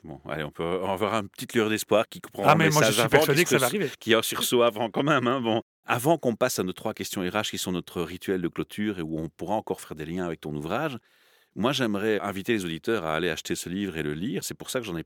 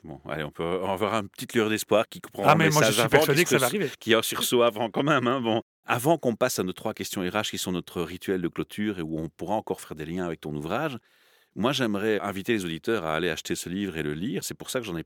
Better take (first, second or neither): neither